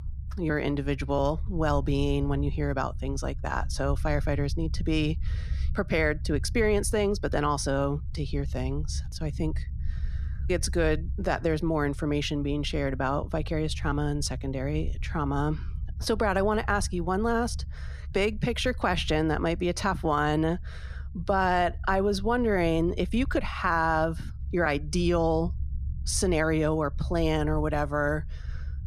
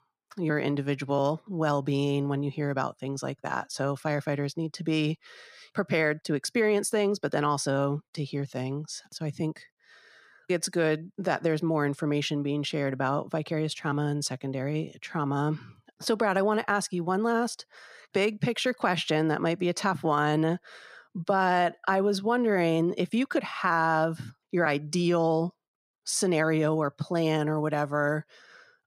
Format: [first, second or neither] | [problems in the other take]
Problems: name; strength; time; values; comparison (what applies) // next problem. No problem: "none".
second | low rumble; faint; throughout; 25 dB below the speech